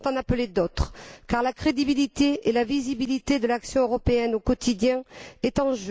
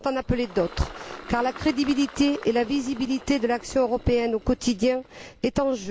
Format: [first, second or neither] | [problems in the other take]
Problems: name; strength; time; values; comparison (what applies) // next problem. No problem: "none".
first | background sound (Engine); 19 dB below the speech